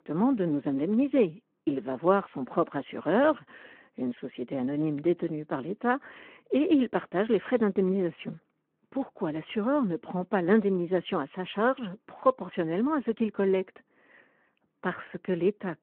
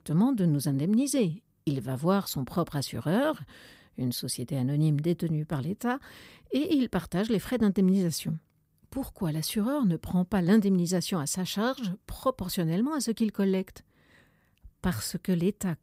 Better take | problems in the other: second | phone-call audio

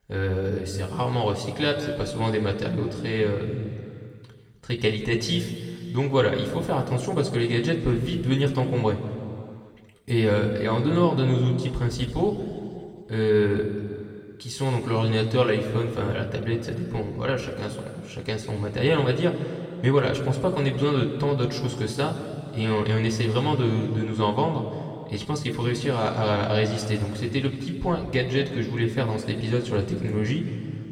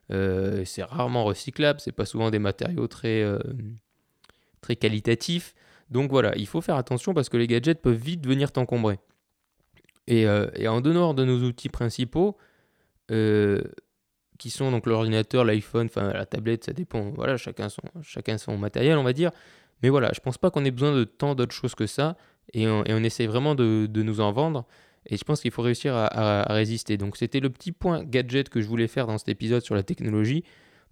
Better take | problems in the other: second | room echo; noticeable; dies away in 2.1 s // off-mic speech; somewhat distant

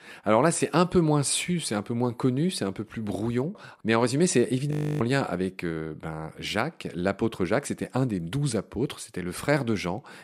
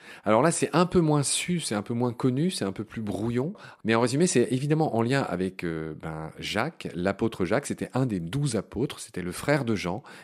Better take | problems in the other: second | audio freezing; at 4.5 s

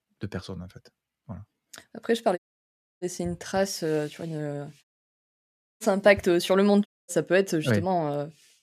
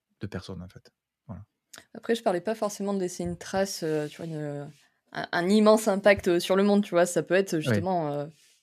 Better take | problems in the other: second | audio cutting out; at 2.5 s for 0.5 s, at 5 s for 1 s and at 7 s

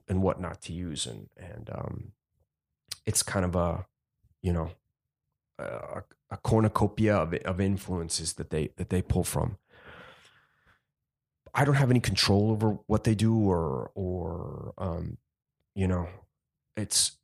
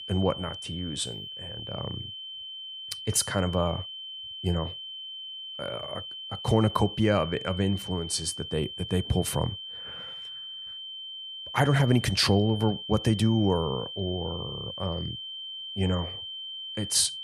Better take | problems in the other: first | high-pitched whine; loud; throughout; 3 kHz, 9 dB below the speech

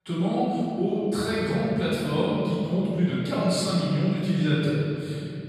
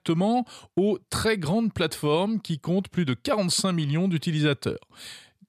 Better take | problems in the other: second | off-mic speech; far // room echo; strong; dies away in 2.8 s

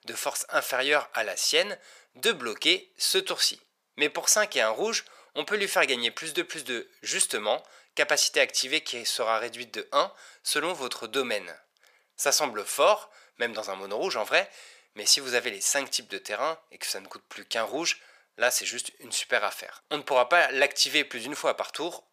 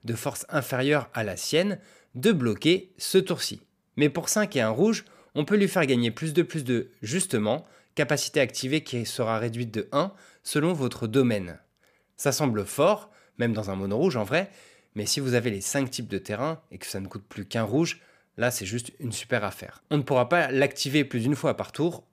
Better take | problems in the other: second | thin; very; fading below 700 Hz

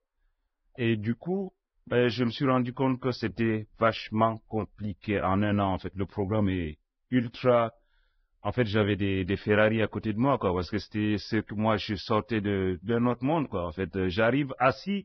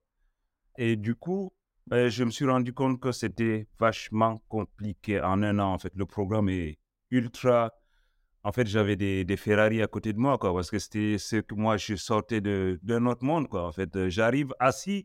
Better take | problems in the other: second | garbled, watery; badly; nothing above 5.5 kHz

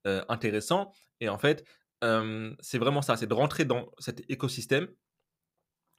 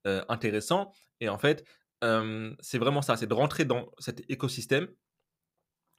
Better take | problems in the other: neither | none

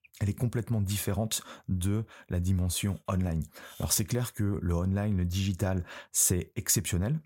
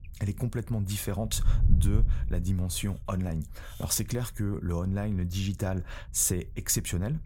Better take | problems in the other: first | wind noise on the microphone; occasional gusts; 15 dB below the speech

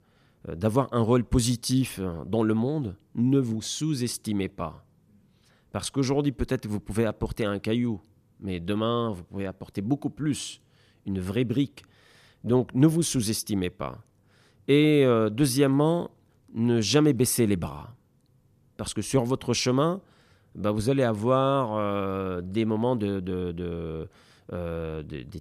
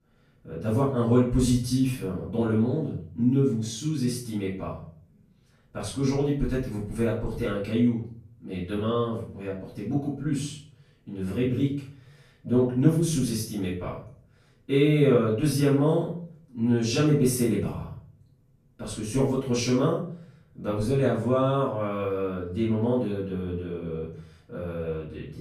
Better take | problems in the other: first | off-mic speech; far // room echo; noticeable; dies away in 0.5 s

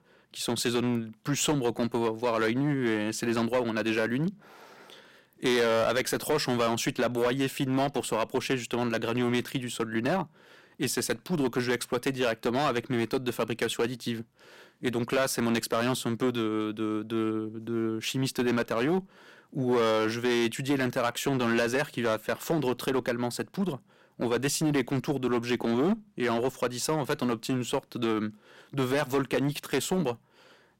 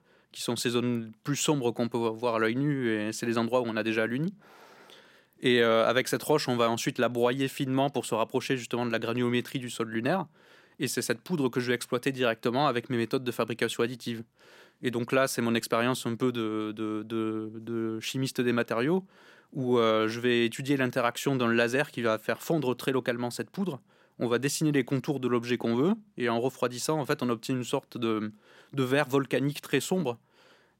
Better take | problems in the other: second | distortion; slight; 7% of the sound clipped

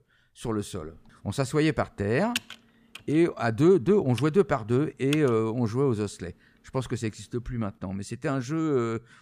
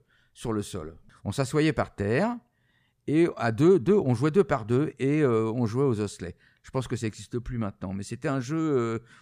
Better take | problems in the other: second | keyboard typing; noticeable; from 2.5 to 5 s; peak 7 dB below the speech

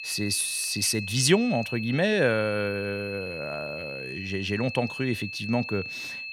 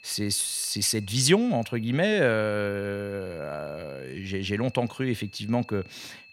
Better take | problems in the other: second | high-pitched whine; loud; throughout; 2.5 kHz, 8 dB below the speech; faint in the second

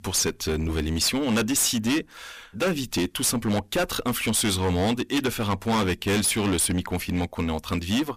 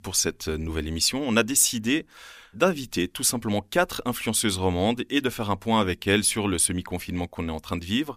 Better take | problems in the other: second | distortion; heavy; 18% of the sound clipped

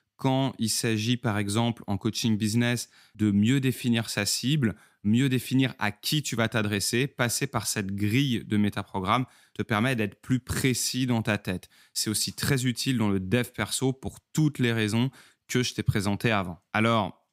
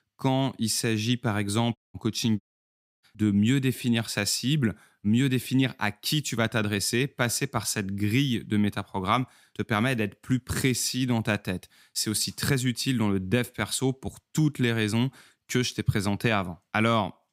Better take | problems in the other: first | audio cutting out; at 2 s and at 2.5 s for 0.5 s

